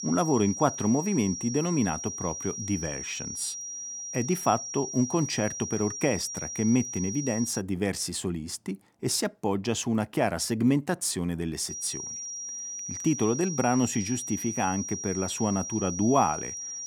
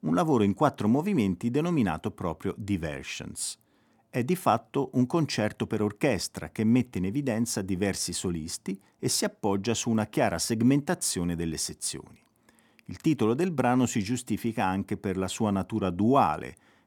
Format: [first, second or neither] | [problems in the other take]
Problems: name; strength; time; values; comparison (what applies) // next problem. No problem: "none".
second | high-pitched whine; loud; until 7.5 s and from 12 s on; 5.5 kHz, 6 dB below the speech